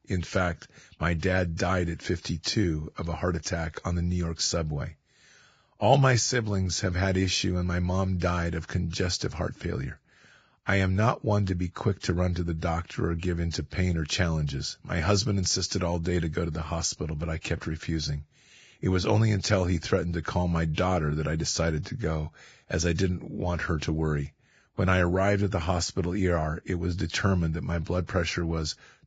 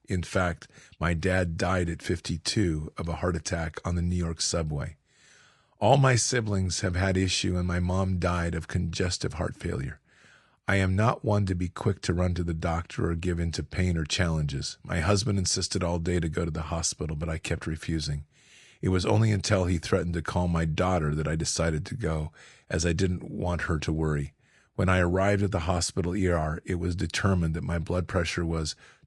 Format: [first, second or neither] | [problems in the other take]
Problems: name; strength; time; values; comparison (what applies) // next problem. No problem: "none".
second | garbled, watery; badly; nothing above 7.5 kHz; slightly in the second